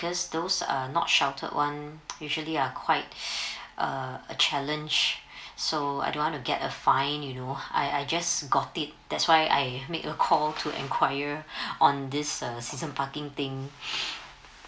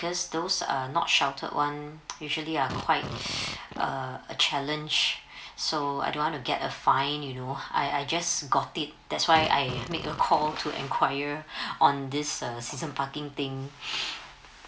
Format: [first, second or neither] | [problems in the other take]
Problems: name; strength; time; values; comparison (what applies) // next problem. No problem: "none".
first | background sound (Fart); 10 dB below the speech